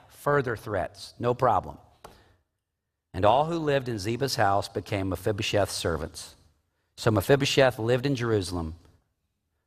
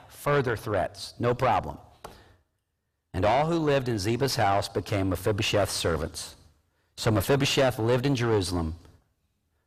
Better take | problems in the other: first | distortion; heavy; 7 dB below the speech

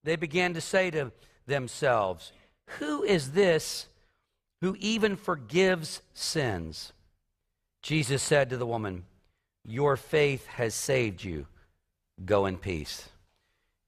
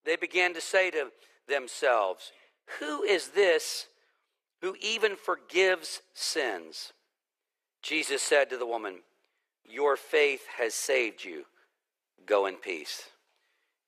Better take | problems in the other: first | thin; very; fading below 350 Hz

